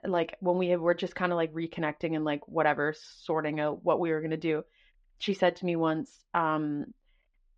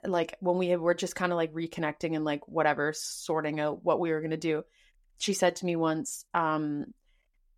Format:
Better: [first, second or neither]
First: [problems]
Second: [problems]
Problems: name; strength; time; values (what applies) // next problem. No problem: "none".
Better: second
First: muffled; slightly; fading above 4 kHz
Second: none